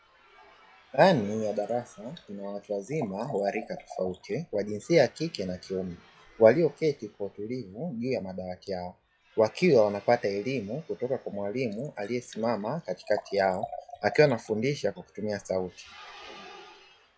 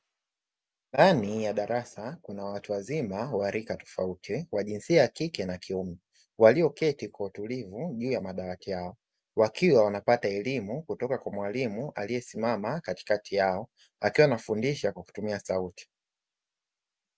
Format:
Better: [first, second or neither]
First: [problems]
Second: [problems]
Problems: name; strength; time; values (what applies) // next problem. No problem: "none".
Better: second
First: noise reduction (classical method log-MMSE)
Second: none